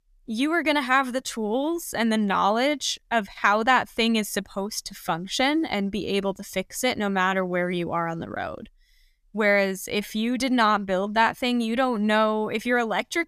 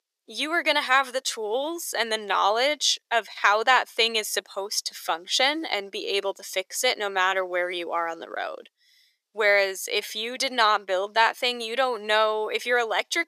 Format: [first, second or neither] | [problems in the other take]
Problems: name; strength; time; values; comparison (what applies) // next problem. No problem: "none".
first | thin; very; fading below 400 Hz